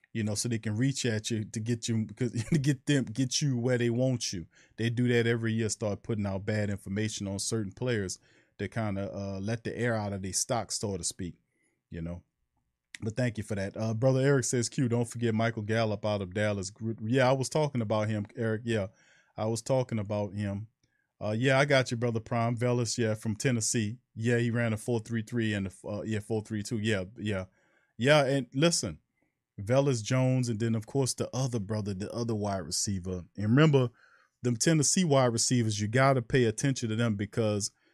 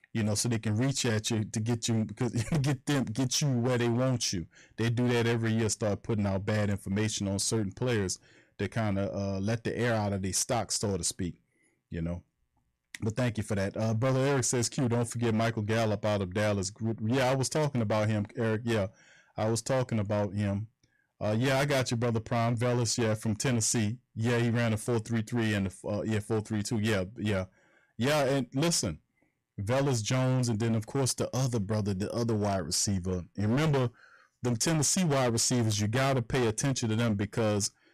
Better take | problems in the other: first | distortion; heavy; 18% of the sound clipped

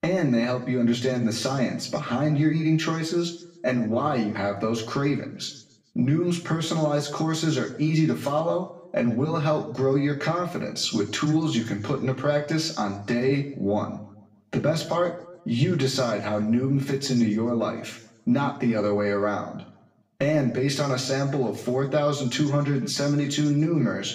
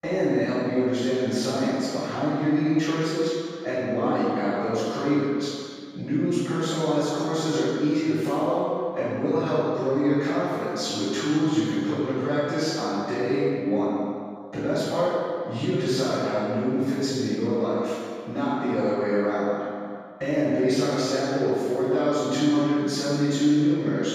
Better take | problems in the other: first | room echo; strong; dies away in 2.1 s; slight in the first // off-mic speech; far; far in the first

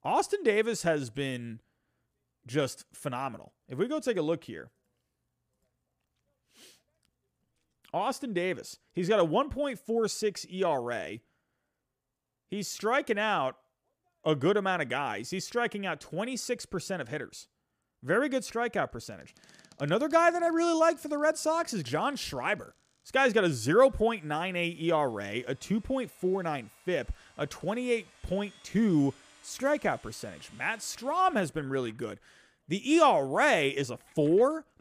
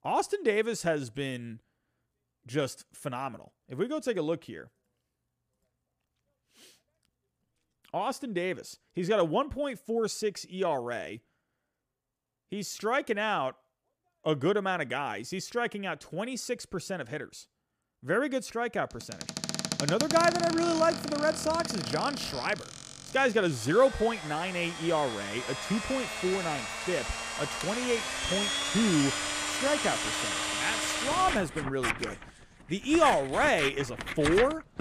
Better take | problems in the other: first | household noises; loud; from 19 s on; 3 dB below the speech; faint in the first

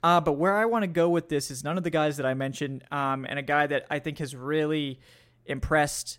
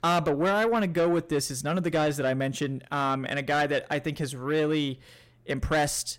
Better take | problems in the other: first | distortion; slight; 10 dB below the speech

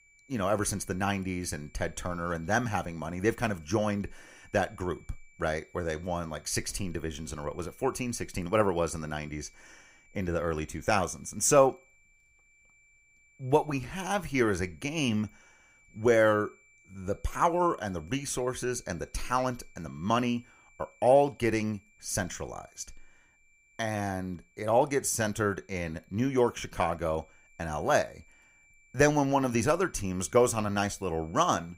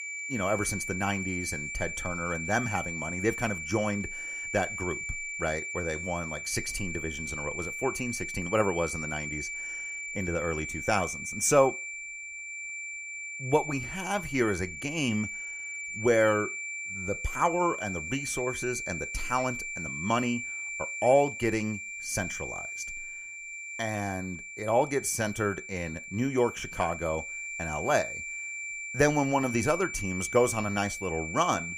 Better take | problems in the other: first | high-pitched whine; loud; throughout; 2.5 kHz, 5 dB below the speech; faint in the first

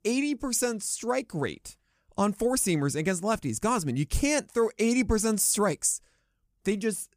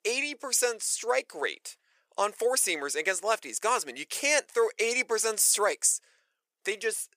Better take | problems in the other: first | thin; very; fading below 450 Hz

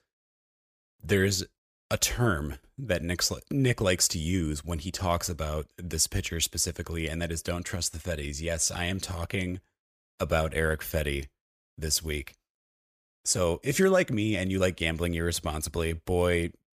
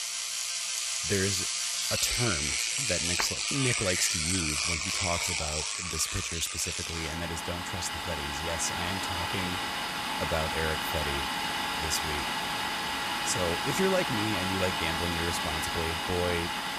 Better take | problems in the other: first | household noises; very loud; throughout; 4 dB above the speech

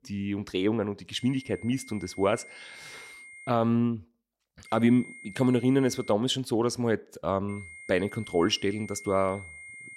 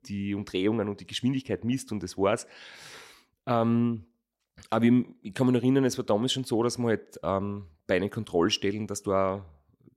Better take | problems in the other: second | high-pitched whine; noticeable; from 1 to 3.5 s, from 4.5 to 6 s and from 7.5 s on; 2 kHz, 15 dB below the speech

